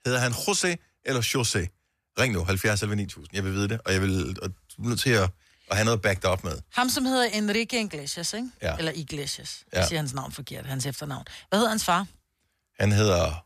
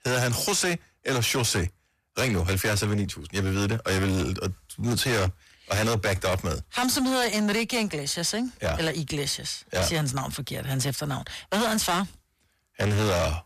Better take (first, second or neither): first